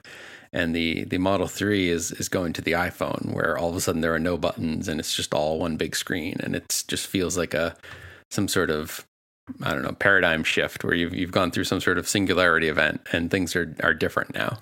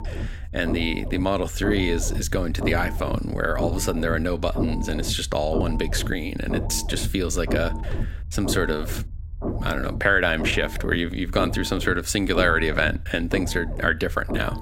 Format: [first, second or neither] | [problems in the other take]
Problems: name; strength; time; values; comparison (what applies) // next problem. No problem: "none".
first | low rumble; noticeable; throughout; 10 dB below the speech